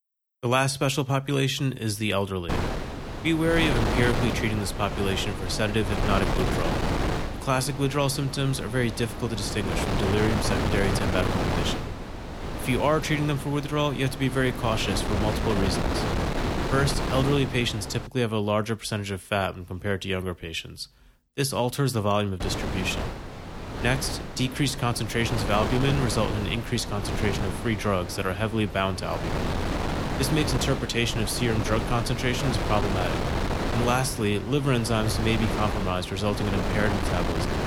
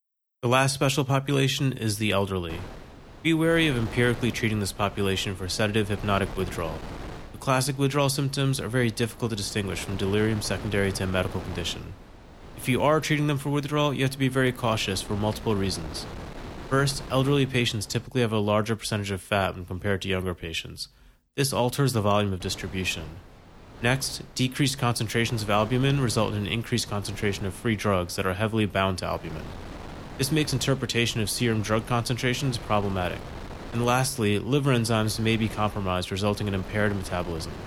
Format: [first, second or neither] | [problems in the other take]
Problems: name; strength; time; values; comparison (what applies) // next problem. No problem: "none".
second | wind noise on the microphone; heavy; from 2.5 to 18 s and from 22 s on; 4 dB below the speech; occasional gusts in the second